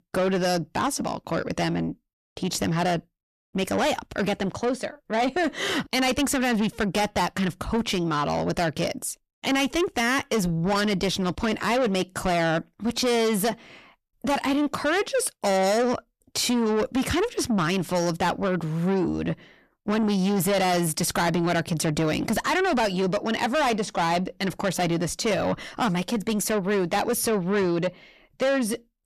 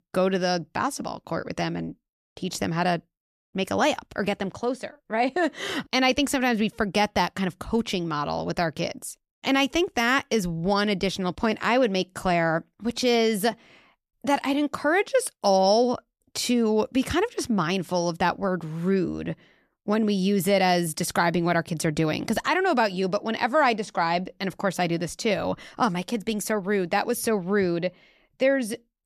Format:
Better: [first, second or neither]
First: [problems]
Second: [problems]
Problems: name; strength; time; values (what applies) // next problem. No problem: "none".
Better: second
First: distortion; heavy; 8 dB below the speech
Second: none